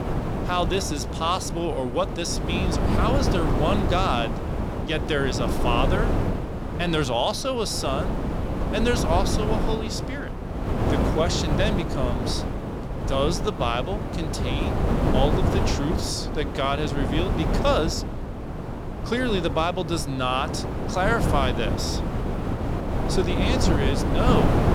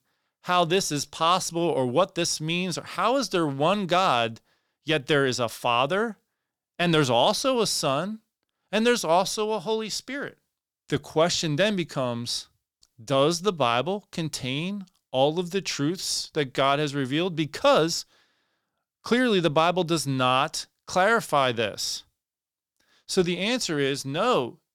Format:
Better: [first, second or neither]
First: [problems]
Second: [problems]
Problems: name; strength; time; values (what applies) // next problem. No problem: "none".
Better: second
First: wind noise on the microphone; heavy; 4 dB below the speech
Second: none